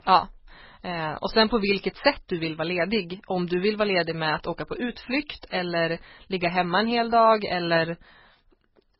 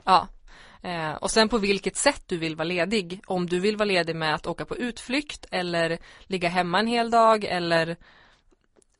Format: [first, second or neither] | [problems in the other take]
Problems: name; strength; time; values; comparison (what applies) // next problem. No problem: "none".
second | garbled, watery; badly; nothing above 4.5 kHz; slightly in the second